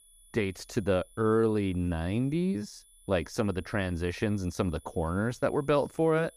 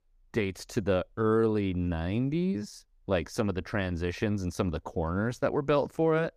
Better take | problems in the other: second | high-pitched whine; faint; throughout; 10 kHz, 25 dB below the speech

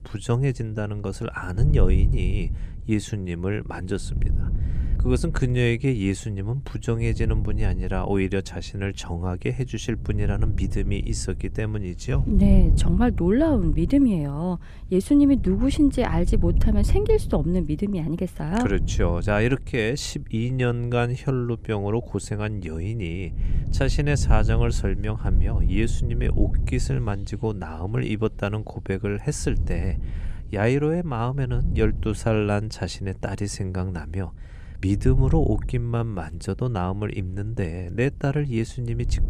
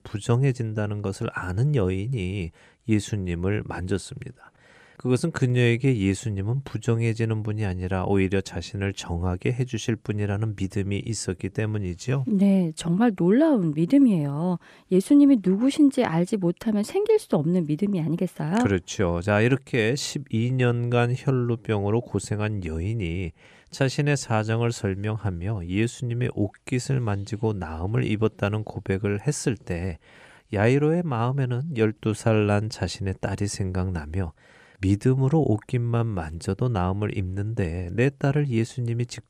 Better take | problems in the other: second | wind noise on the microphone; occasional gusts; 15 dB below the speech

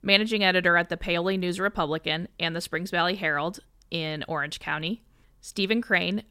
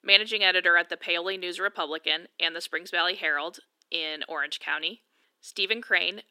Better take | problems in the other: first | thin; very; fading below 300 Hz

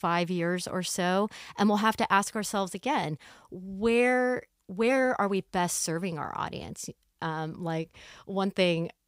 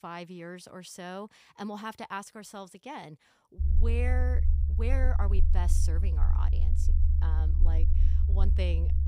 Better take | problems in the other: first | low rumble; loud; from 3.5 s on; 7 dB below the speech

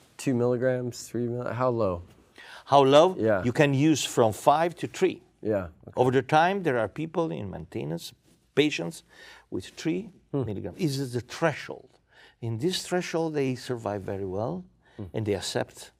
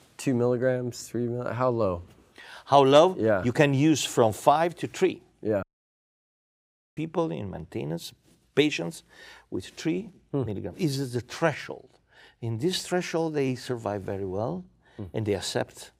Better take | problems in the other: first | audio cutting out; at 5.5 s for 1.5 s

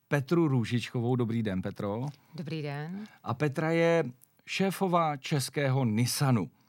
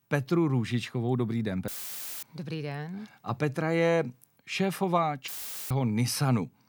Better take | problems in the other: first | audio cutting out; filled with static; at 1.5 s for 0.5 s and at 5.5 s

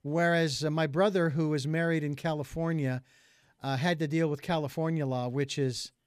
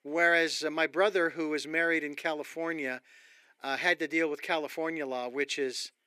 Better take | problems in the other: first | thin; very; fading below 350 Hz

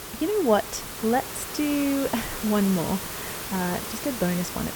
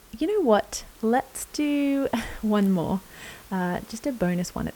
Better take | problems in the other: second | hiss; loud; throughout; 6 dB below the speech; faint in the second

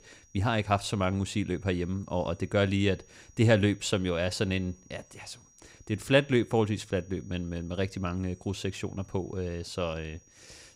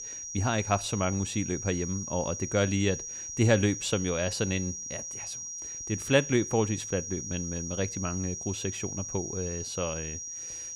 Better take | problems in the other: first | high-pitched whine; loud; throughout; 6 kHz, 6 dB below the speech; faint in the first

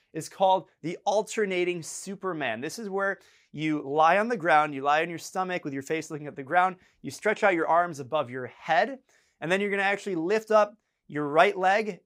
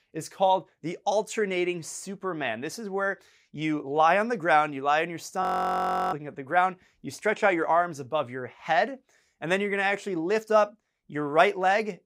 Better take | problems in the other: first | audio freezing; at 5.5 s for 0.5 s

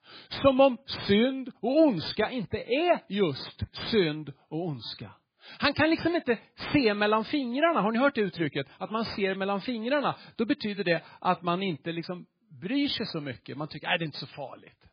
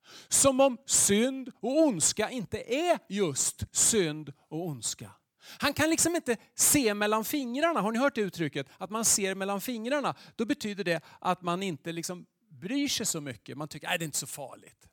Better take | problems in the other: second | garbled, watery; badly; nothing above 4 kHz

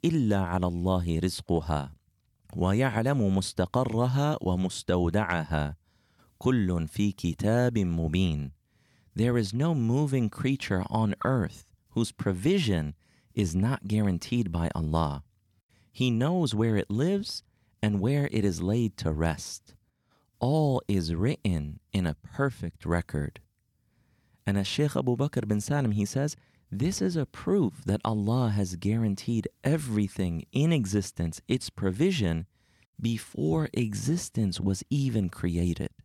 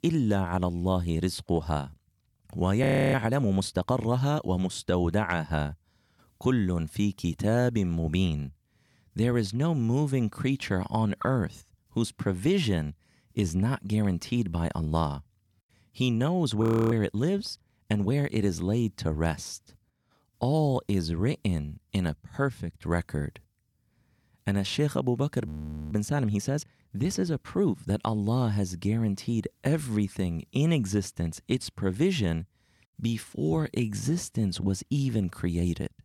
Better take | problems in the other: first | audio freezing; at 3 s, at 17 s and at 25 s

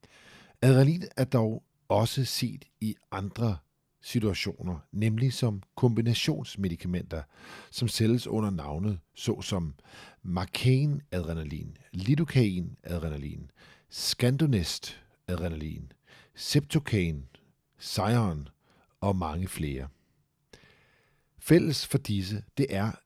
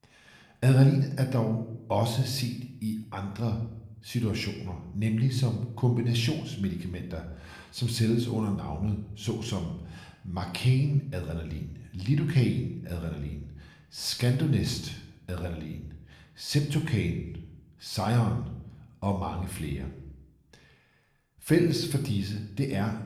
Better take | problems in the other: first | room echo; slight; dies away in 0.7 s

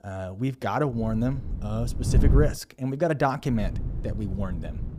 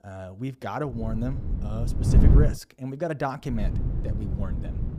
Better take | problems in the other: first | wind noise on the microphone; heavy; from 1 to 2.5 s and from 3.5 s on; 4 dB below the speech; occasional gusts in the first

